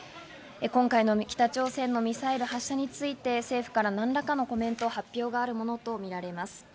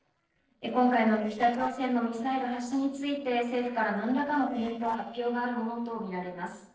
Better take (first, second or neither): first